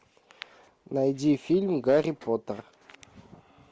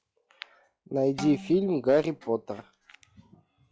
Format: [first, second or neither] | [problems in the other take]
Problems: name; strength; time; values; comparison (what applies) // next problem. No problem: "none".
first | noise reduction (classical method log-MMSE)